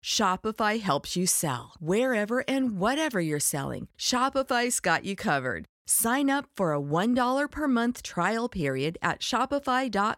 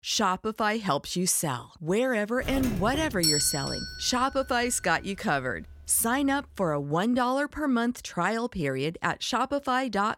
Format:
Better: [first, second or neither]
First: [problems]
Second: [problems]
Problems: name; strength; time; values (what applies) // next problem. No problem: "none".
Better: first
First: none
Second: doorbell; loud; from 2.5 to 4.5 s; peak 3 dB above the speech